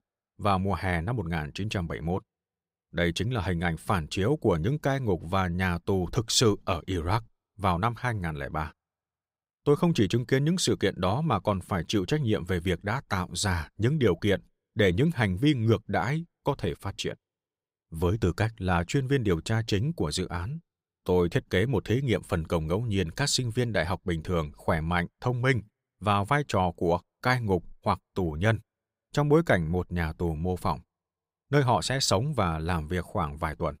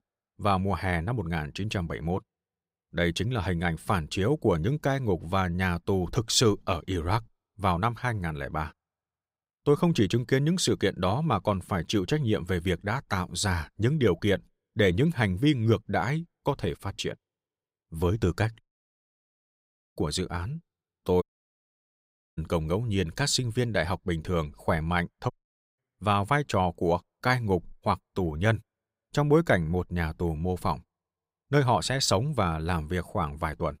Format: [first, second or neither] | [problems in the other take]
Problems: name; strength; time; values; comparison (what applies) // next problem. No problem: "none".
first | audio cutting out; at 19 s for 1.5 s, at 21 s for 1 s and at 25 s